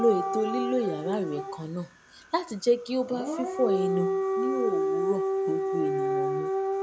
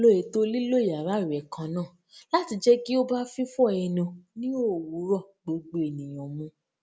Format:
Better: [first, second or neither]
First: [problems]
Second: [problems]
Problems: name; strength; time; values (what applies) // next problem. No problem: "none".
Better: second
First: background sound (Siren / Dog); 1 dB above the speech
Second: none